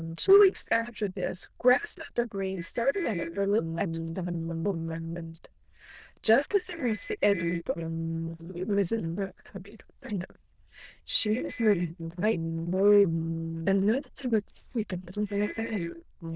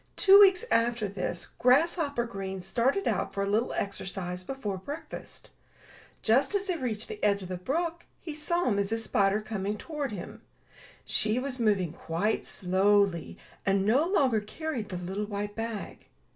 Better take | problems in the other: second | noise reduction (neural diffusion model UNIVERSE++)

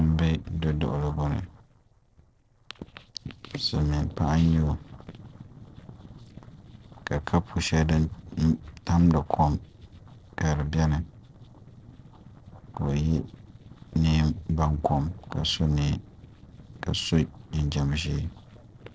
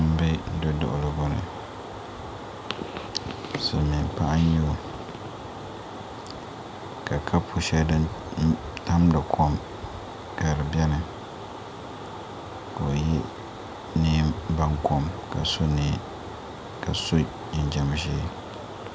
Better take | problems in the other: second | noise reduction (neural separator model SepFormer DNS4)

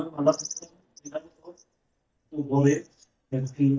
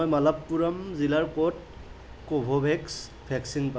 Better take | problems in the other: second | noise reduction (neural mask model DeepFilterNet 3)

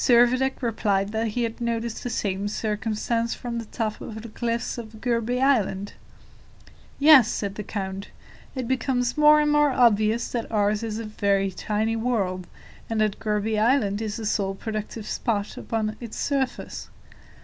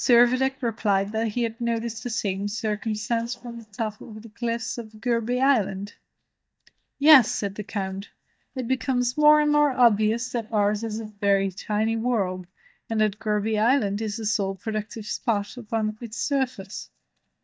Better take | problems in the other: first | noise reduction (neural mask model DeepFilterNet 3)

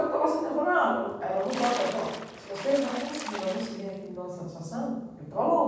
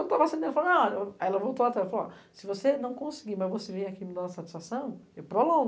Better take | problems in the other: second | background sound (Splash, splatter); 11 dB below the speech // room echo; dies away in 1.2 s

